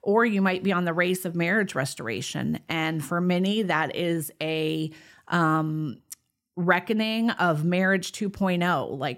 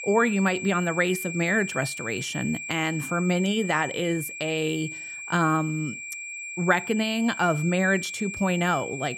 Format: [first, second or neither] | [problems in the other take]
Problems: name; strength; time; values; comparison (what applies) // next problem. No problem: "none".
first | high-pitched whine; loud; throughout; 2.5 kHz, 8 dB below the speech